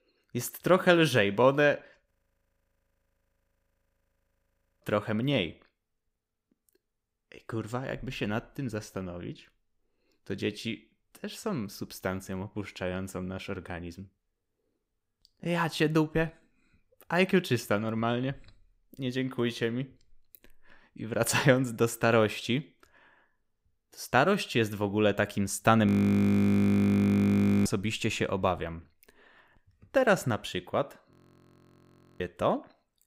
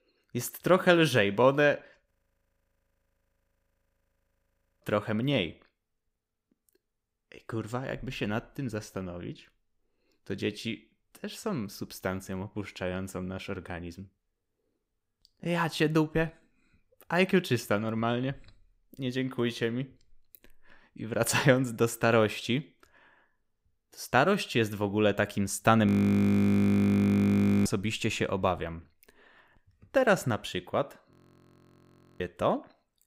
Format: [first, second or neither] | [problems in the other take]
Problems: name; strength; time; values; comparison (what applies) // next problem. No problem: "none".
neither | audio freezing; at 2 s for 2.5 s, at 26 s for 2 s and at 31 s for 1 s; the same in both